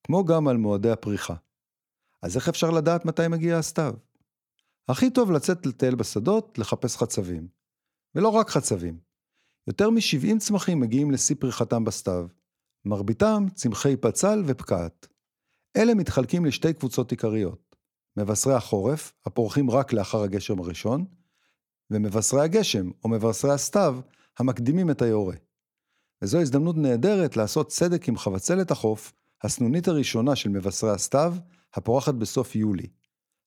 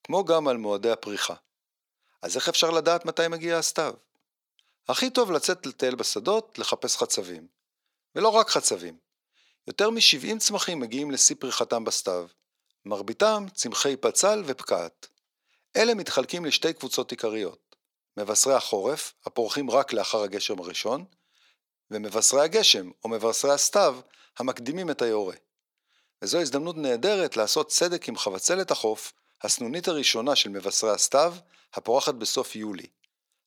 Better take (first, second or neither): first